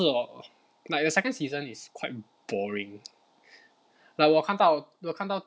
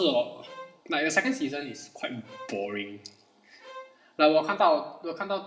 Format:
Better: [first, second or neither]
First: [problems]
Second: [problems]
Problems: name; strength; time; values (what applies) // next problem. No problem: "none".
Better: first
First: none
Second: background sound (Bowed string instrument); 19 dB below the speech // room echo; dies away in 0.9 s